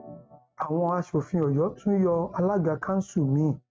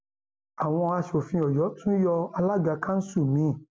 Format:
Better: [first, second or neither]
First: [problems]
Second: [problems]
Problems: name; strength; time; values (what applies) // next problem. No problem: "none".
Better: second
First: noise reduction (neural mask model RNNoise)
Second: none